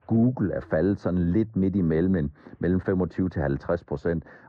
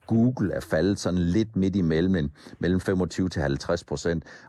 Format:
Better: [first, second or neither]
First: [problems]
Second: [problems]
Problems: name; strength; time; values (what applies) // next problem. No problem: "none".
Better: second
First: muffled; very; fading above 1.5 kHz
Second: none